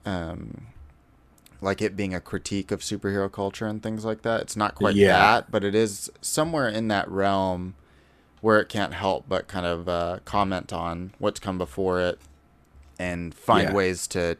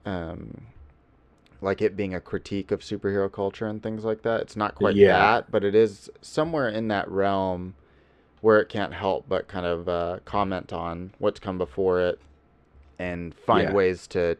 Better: first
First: none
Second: muffled; slightly; fading above 3.5 kHz

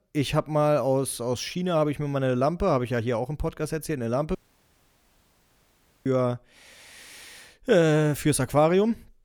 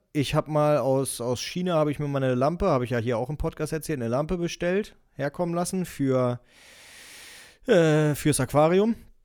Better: second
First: audio cutting out; at 4.5 s for 1.5 s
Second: none

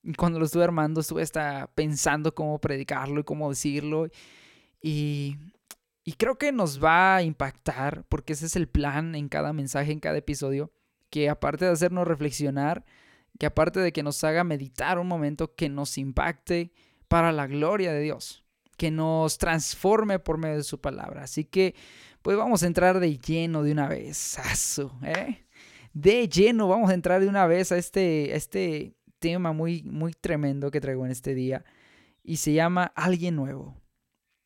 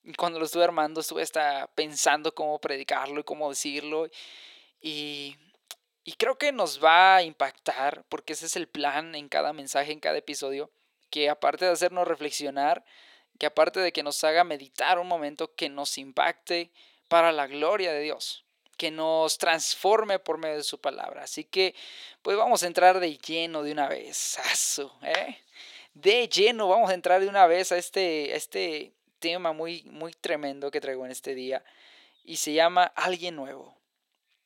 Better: first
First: none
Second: thin; very; fading below 400 Hz

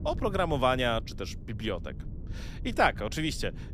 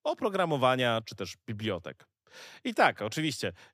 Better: second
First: low rumble; faint; throughout; 25 dB below the speech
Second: none

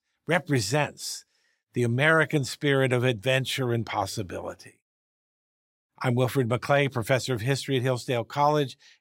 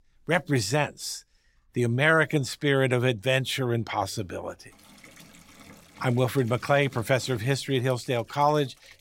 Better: first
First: none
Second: household noises; faint; throughout; 25 dB below the speech

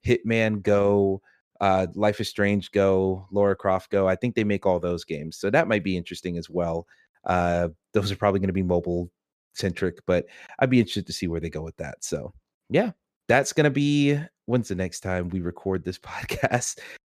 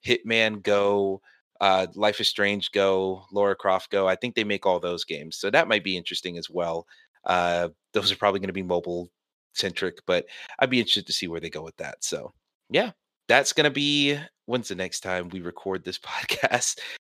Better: first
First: none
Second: thin; very slightly; fading below 550 Hz

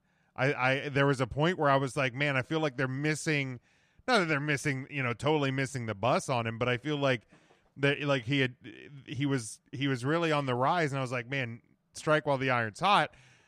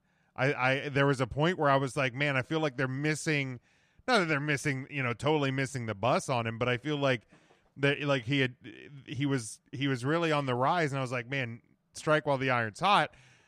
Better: neither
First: none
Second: none

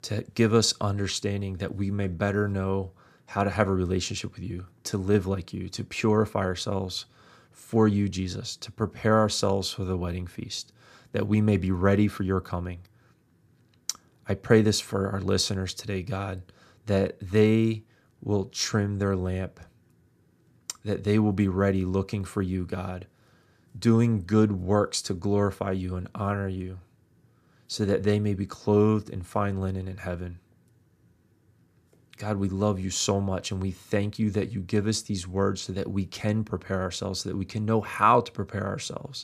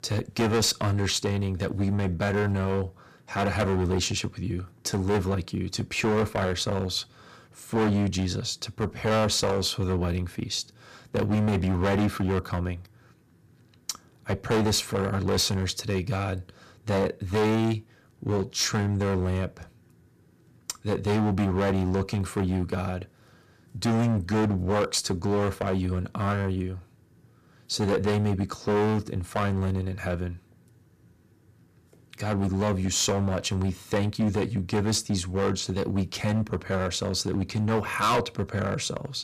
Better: first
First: none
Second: distortion; heavy; 11% of the sound clipped

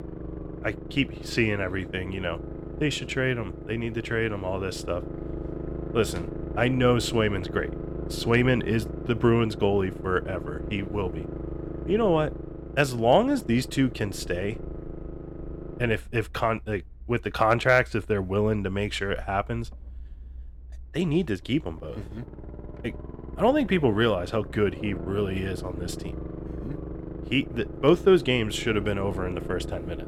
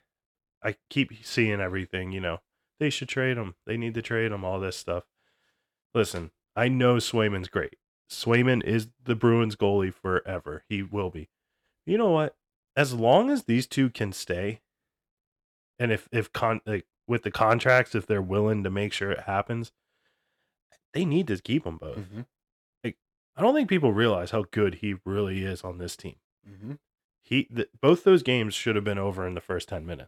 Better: second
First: low rumble; noticeable; throughout; 15 dB below the speech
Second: none

